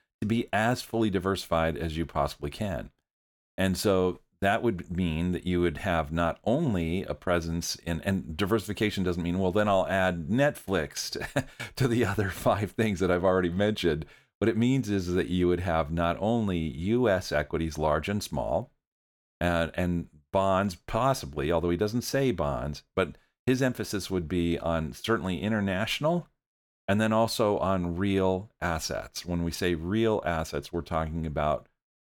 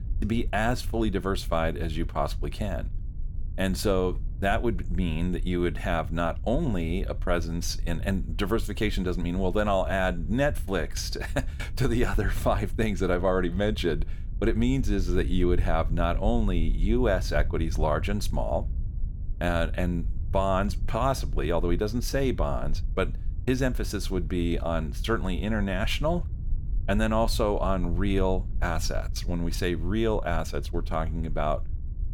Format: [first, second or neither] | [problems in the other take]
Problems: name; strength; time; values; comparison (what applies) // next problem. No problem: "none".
first | low rumble; faint; throughout; 20 dB below the speech